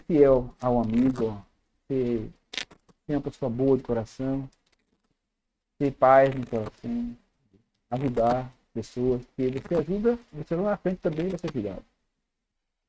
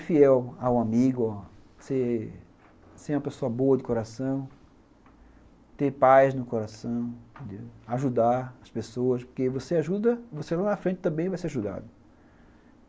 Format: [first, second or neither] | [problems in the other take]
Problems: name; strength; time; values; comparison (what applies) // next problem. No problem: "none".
second | noise reduction (neural mask model RNNoise)